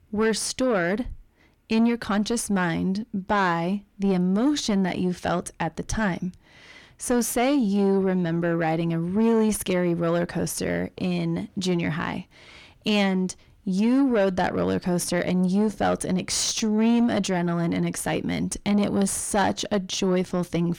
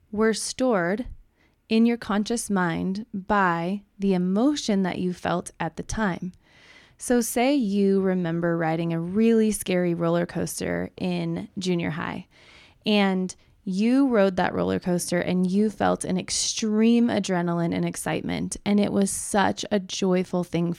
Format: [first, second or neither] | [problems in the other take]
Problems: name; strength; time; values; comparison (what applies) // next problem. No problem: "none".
second | distortion; slight; 9 dB below the speech